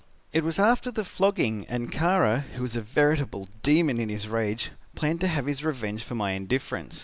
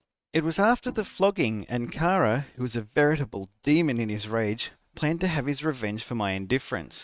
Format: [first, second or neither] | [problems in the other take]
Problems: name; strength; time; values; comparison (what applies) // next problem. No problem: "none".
first | noise reduction (neural mask model RNNoise)